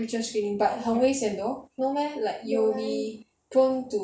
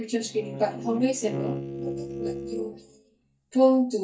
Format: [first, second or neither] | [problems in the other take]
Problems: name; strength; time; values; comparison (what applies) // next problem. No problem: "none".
first | noise reduction (neural mask model DeepFilterNet 3)